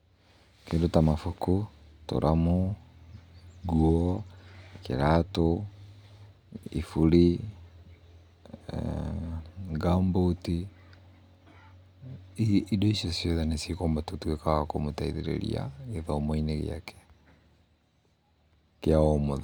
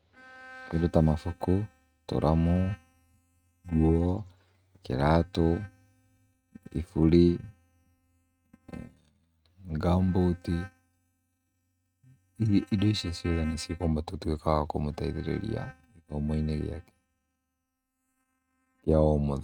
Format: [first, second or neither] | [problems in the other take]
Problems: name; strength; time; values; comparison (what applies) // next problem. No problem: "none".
first | noise reduction (neural mask model RNNoise)